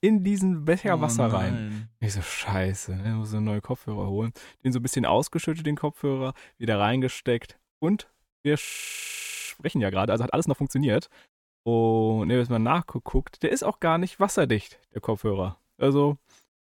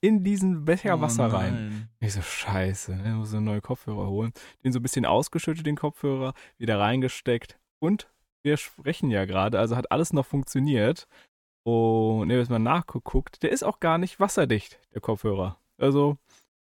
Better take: second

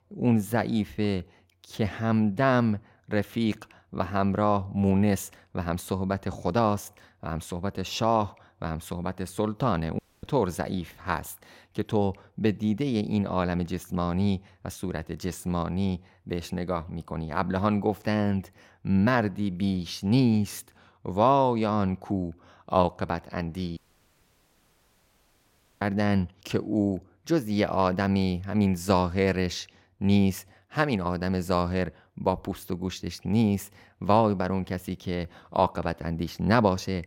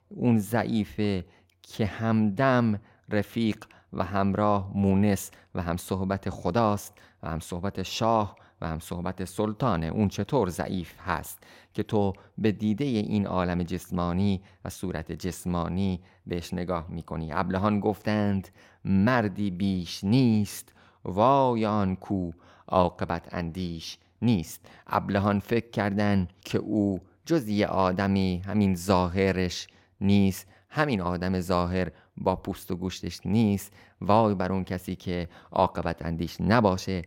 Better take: second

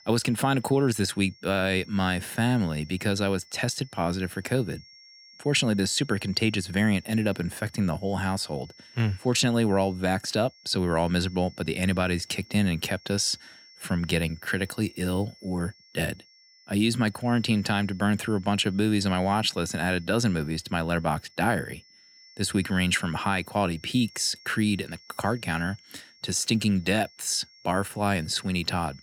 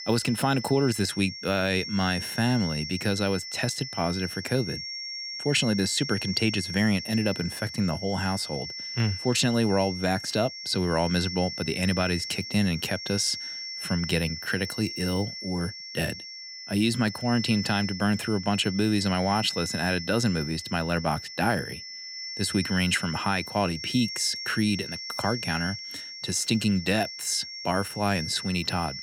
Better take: first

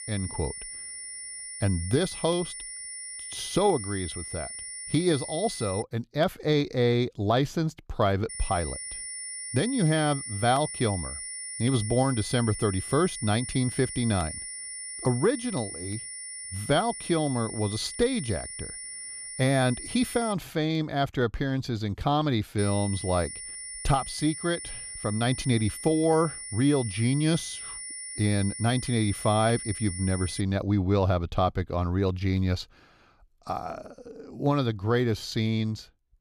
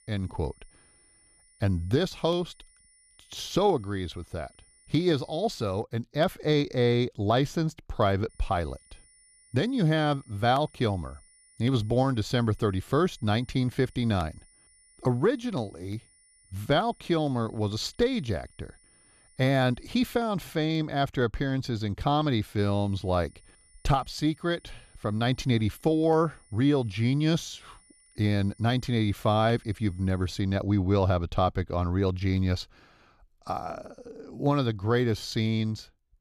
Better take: second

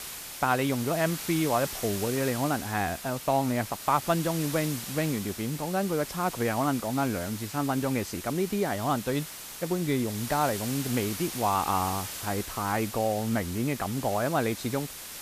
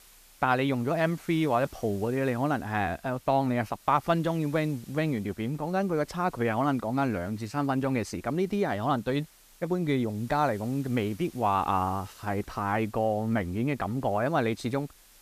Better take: second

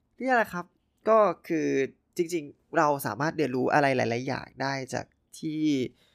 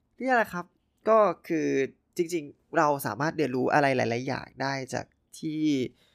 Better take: neither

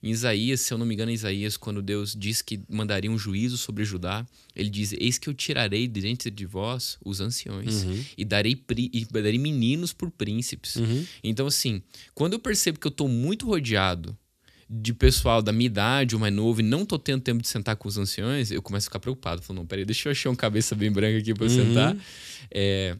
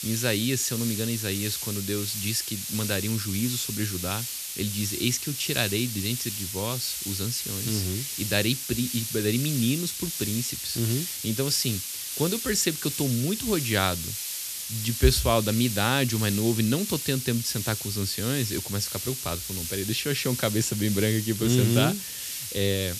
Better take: first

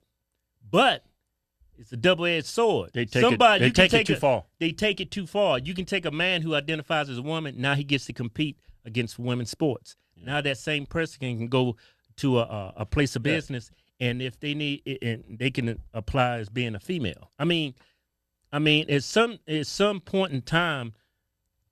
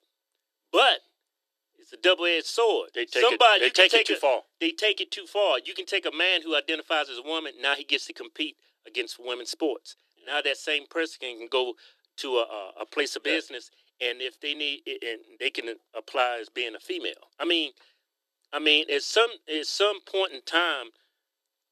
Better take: first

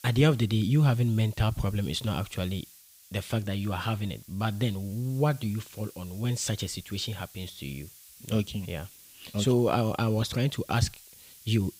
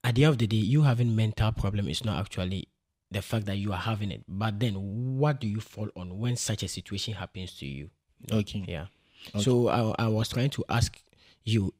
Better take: second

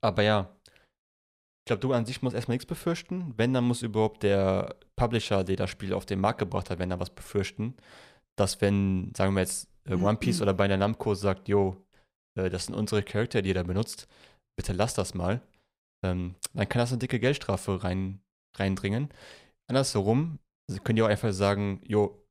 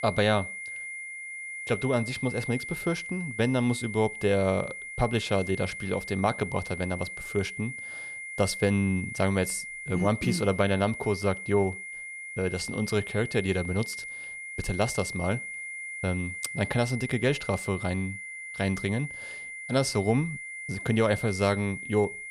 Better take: first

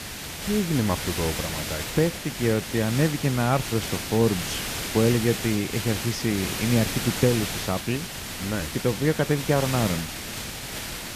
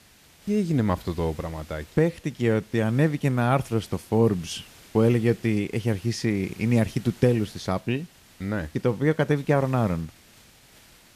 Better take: second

